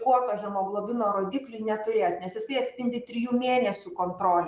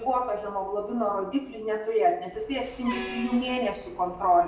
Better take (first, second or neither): first